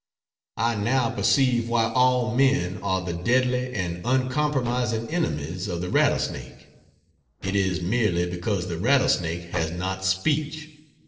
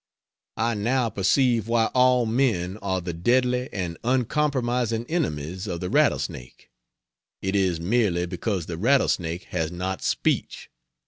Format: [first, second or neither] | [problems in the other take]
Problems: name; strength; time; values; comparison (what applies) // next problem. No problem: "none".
second | noise reduction (neural separator model SepFormer DNS4)